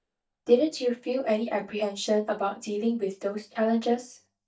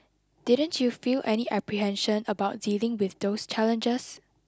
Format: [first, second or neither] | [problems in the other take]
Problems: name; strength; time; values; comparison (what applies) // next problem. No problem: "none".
second | noise reduction (neural mask model DeepFilterNet 3)